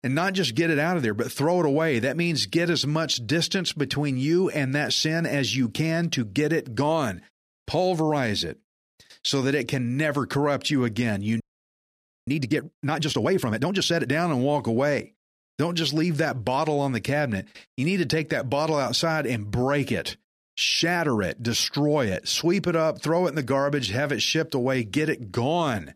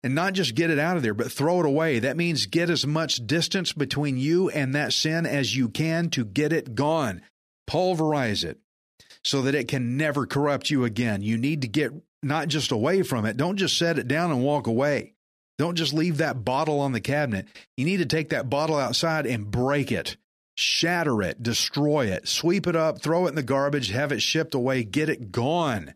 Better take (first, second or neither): second